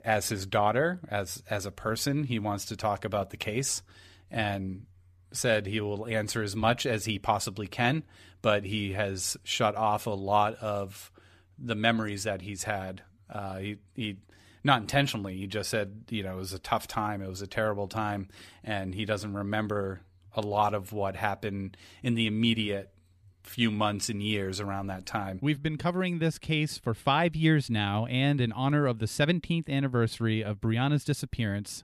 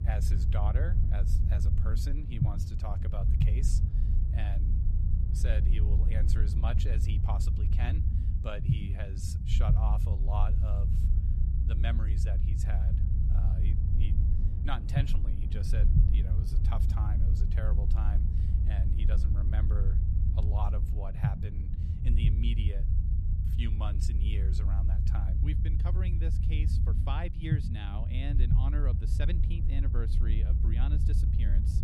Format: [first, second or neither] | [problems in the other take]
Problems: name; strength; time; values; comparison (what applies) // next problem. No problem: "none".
first | low rumble; loud; throughout; 1 dB below the speech